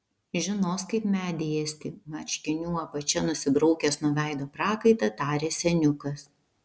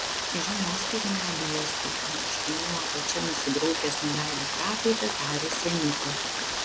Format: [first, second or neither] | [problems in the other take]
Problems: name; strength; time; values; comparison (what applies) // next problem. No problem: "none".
first | background sound (Rain); 2 dB above the speech